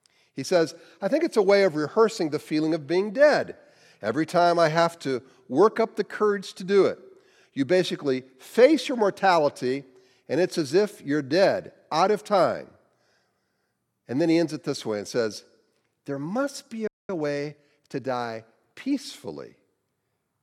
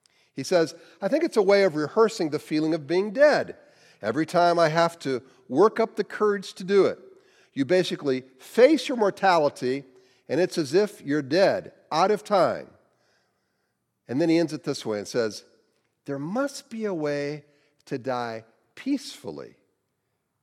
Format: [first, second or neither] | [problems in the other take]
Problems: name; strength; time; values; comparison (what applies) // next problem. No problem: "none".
second | audio freezing; at 17 s